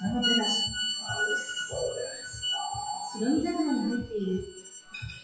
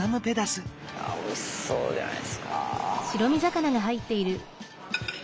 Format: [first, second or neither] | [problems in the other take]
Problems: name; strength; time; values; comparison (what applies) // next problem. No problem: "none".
second | noise reduction (classical method WPE with log-MMSE)